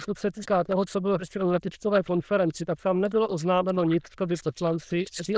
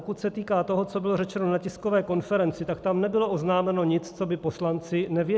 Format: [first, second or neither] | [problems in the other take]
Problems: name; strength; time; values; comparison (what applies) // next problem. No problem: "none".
second | noise reduction (neural diffusion model UNIVERSE++)